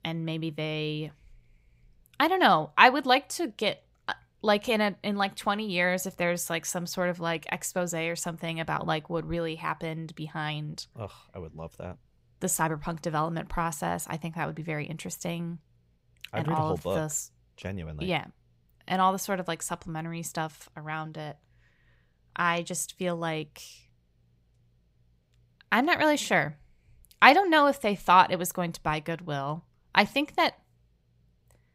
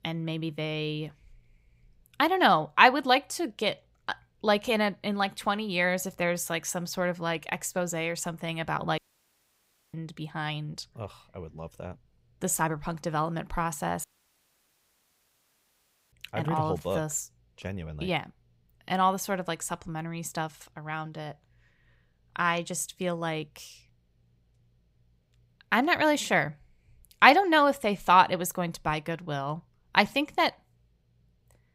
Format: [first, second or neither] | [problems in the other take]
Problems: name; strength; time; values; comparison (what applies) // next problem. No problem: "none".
first | audio cutting out; at 9 s for 1 s and at 14 s for 2 s